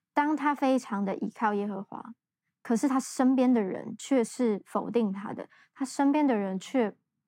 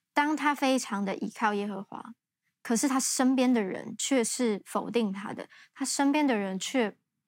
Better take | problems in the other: second | muffled; slightly; fading above 2 kHz

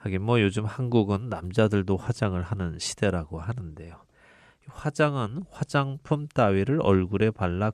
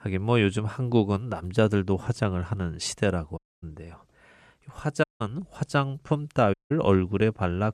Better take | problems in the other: first | audio cutting out; at 3.5 s, at 5 s and at 6.5 s

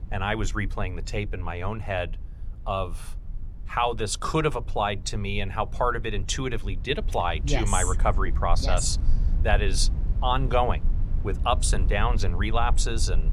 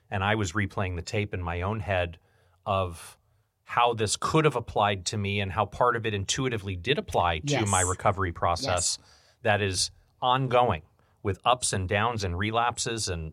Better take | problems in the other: second | low rumble; faint; throughout; 20 dB below the speech

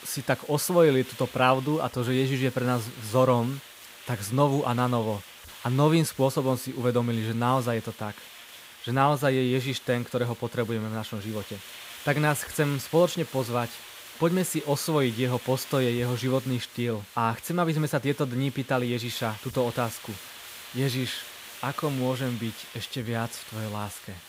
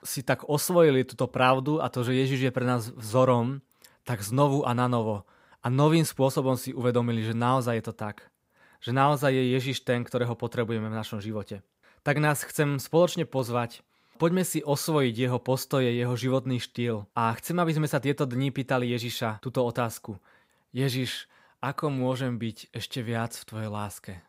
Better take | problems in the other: second | hiss; noticeable; throughout; 15 dB below the speech

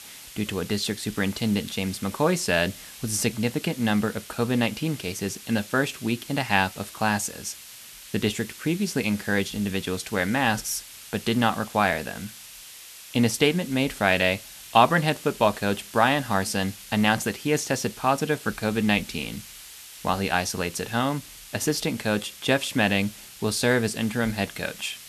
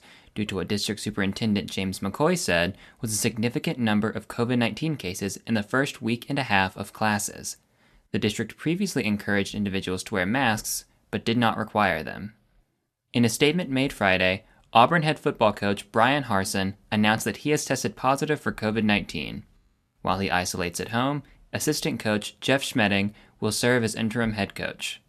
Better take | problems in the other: second | hiss; noticeable; throughout; 15 dB below the speech

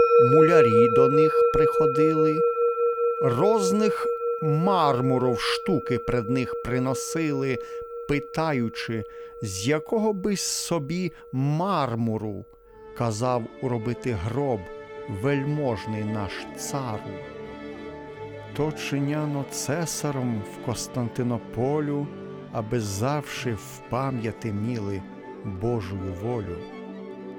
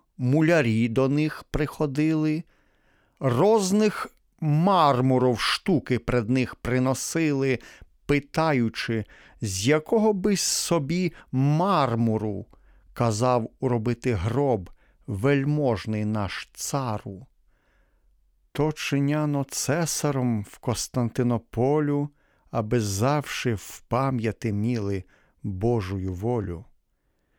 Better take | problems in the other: second | background music; very loud; throughout; 2 dB above the speech

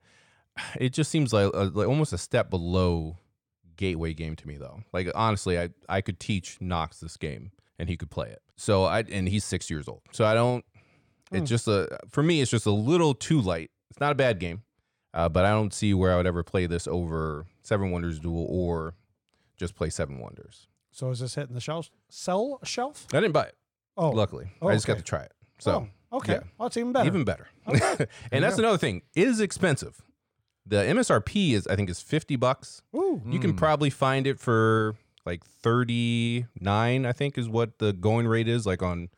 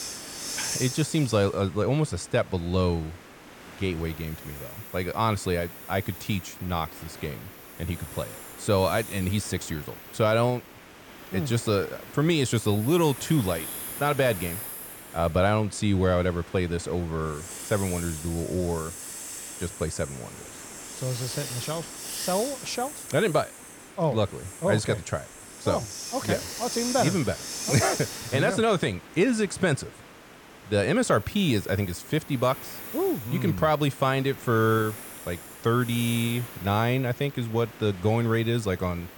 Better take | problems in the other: first | hiss; noticeable; throughout; 10 dB below the speech

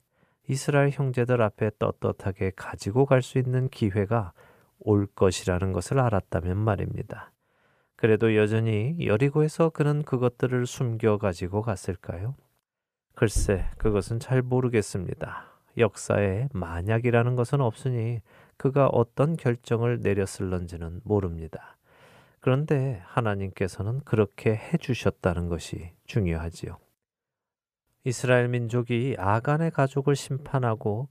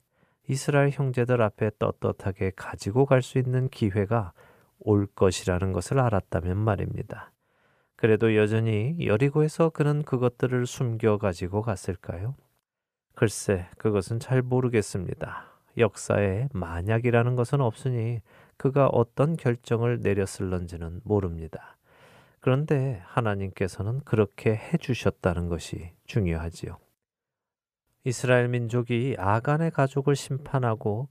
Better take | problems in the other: second | dog barking; noticeable; at 13 s; peak 7 dB below the speech

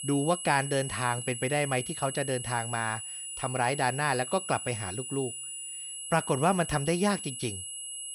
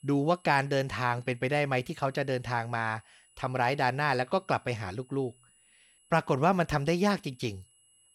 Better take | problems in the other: second | high-pitched whine; loud; throughout; 10.5 kHz, 6 dB below the speech; faint in the second

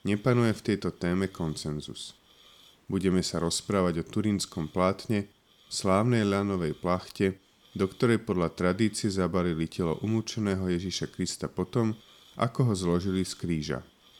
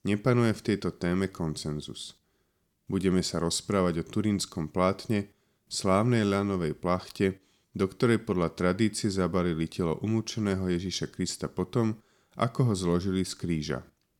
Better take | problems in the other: second | hiss; faint; throughout; 30 dB below the speech

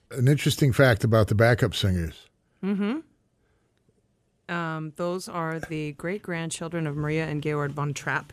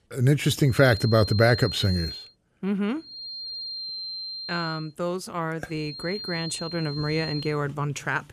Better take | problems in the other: first | high-pitched whine; loud; from 0.5 to 2 s, from 3 to 5 s and from 6 to 7.5 s; 4 kHz, 8 dB below the speech

